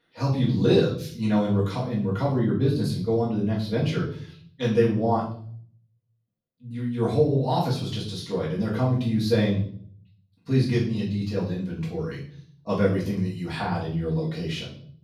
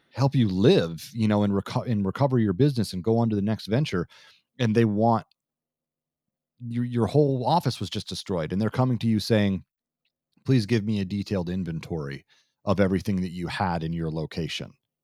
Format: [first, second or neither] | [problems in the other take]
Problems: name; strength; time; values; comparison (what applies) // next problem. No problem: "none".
second | room echo; noticeable; dies away in 0.6 s // off-mic speech; far